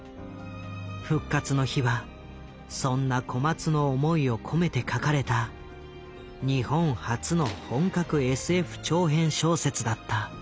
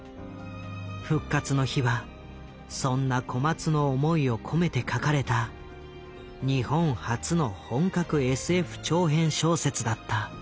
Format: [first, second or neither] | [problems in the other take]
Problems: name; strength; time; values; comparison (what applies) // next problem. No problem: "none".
second | background sound (Gunshot, gunfire); 16 dB below the speech